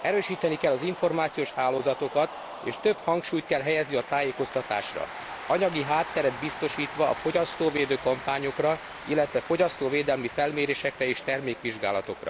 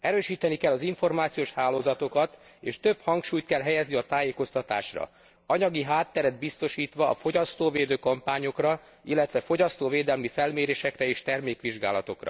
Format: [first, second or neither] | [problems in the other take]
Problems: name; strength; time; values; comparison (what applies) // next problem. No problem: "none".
second | background sound (Cheering); 13 dB below the speech